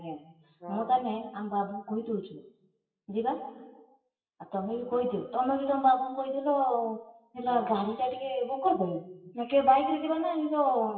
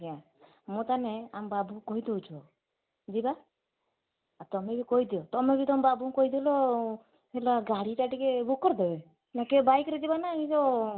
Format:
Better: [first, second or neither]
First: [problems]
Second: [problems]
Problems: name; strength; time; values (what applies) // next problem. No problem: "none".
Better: second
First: noise reduction (classical method WPE with log-MMSE)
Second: none